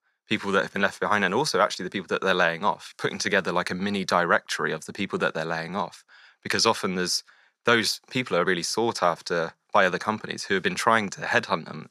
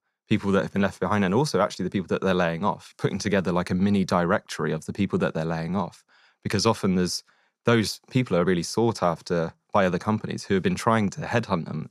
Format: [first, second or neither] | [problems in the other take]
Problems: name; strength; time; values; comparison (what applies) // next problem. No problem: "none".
second | thin; somewhat; fading below 1 kHz